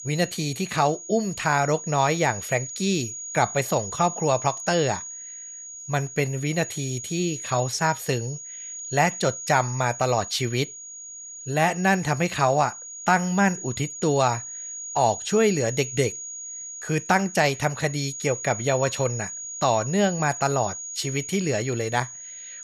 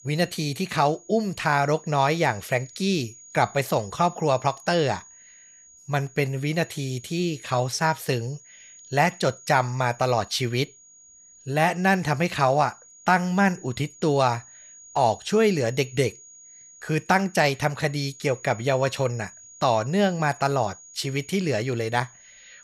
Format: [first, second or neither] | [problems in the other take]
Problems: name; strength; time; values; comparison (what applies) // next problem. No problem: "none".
second | high-pitched whine; loud; throughout; 6.5 kHz, 9 dB below the speech; faint in the second